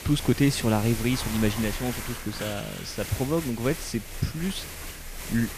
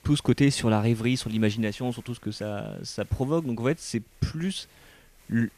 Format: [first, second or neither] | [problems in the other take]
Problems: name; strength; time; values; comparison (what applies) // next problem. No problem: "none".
second | hiss; loud; throughout; 8 dB below the speech; faint in the second